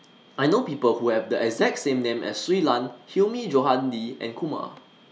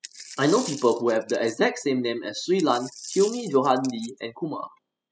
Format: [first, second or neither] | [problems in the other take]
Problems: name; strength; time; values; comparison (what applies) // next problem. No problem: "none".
first | noise reduction (classical method spectral subtraction)